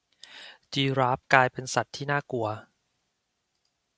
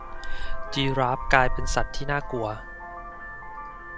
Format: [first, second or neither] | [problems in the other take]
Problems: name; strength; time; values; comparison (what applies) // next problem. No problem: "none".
first | background sound (Vehicle horn, car horn, honking); 1 dB below the speech